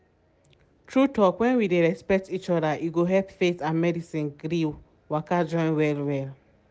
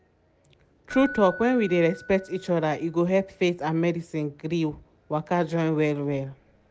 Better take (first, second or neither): first